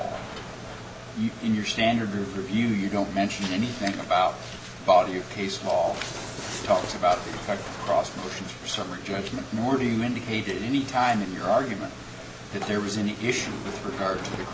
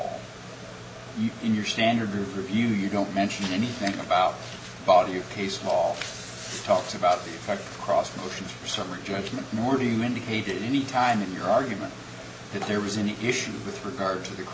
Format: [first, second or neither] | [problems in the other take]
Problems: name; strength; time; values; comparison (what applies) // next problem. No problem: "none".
second | background sound (Run); 16 dB below the speech